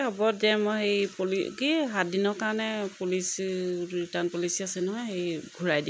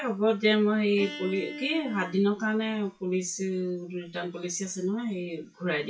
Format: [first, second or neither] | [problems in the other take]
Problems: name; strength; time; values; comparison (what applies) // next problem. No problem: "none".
first | noise reduction (classical method WPE with log-MMSE)